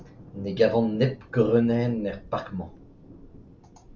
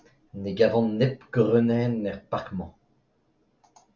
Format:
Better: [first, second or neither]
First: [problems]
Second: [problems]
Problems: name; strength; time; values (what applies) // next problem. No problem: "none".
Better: second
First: background sound (Thunder); 20 dB below the speech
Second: none